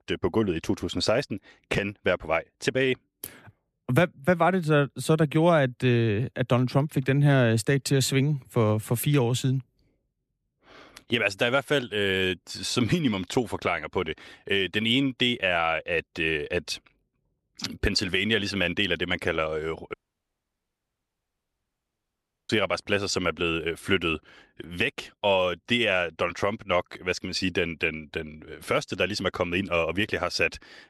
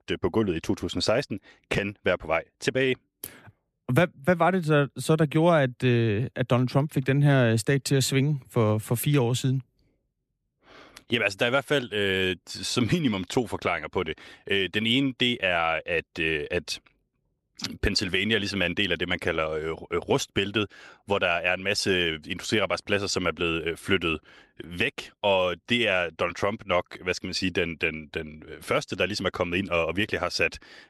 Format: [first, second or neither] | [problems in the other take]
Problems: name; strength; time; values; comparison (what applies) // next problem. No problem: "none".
second | audio cutting out; at 20 s for 2.5 s